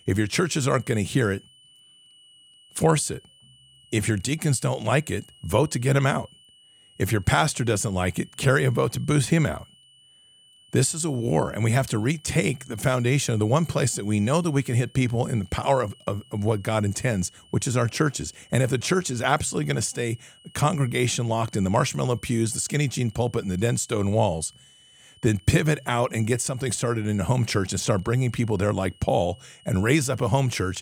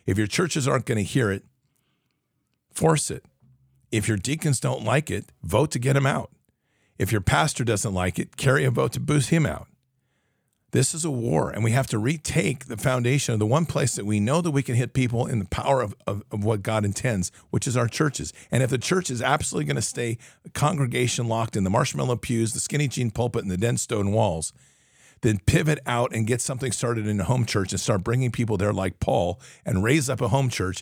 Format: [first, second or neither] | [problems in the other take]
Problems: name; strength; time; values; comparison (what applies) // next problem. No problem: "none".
second | high-pitched whine; faint; throughout; 3 kHz, 30 dB below the speech